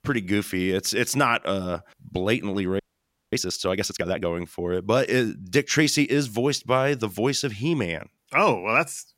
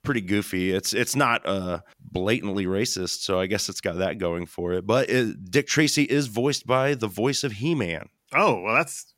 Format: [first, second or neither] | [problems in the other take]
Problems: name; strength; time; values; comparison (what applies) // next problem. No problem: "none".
second | audio freezing; at 3 s for 0.5 s